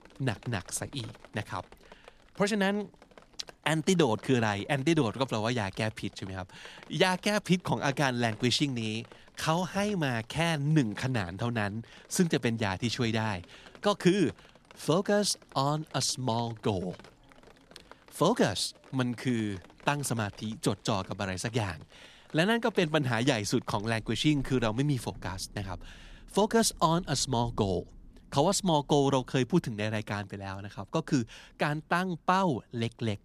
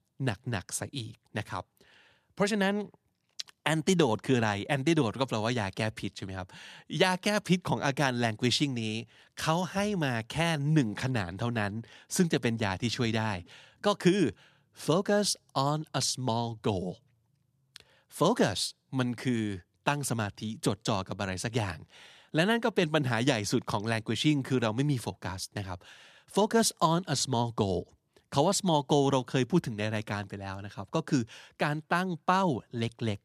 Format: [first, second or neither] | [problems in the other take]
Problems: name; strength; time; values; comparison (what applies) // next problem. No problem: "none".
second | rain or running water; faint; throughout; 25 dB below the speech